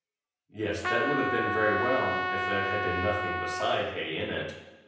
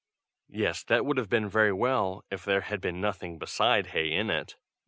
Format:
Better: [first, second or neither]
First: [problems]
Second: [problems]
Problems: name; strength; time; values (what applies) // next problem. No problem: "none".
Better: second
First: background sound (Trumpet); as loud as the speech // room echo; dies away in 0.9 s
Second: none